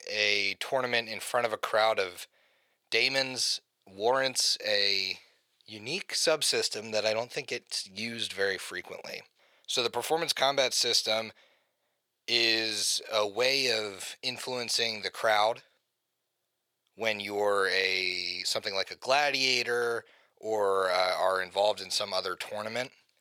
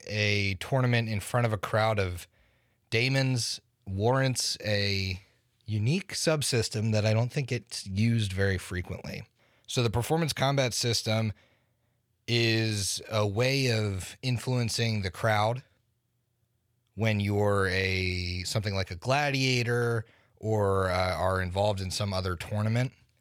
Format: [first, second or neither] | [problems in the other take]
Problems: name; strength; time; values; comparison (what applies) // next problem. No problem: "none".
second | thin; very; fading below 500 Hz